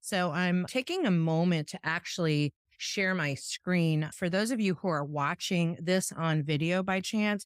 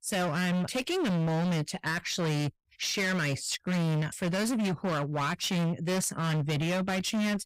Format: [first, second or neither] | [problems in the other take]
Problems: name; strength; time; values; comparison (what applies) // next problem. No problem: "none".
first | distortion; heavy; 32% of the sound clipped